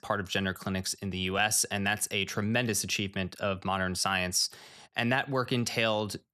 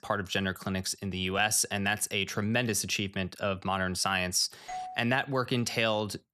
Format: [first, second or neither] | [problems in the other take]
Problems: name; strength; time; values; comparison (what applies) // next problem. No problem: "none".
first | doorbell; faint; at 4.5 s; peak 10 dB below the speech